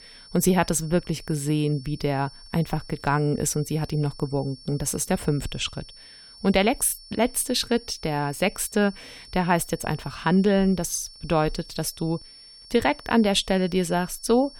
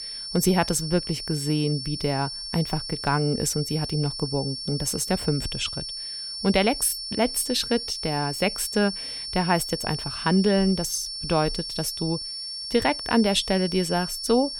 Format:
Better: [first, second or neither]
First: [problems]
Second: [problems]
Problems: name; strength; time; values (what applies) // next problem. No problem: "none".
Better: first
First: high-pitched whine; faint; throughout; 5.5 kHz, 20 dB below the speech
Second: high-pitched whine; loud; throughout; 5.5 kHz, 6 dB below the speech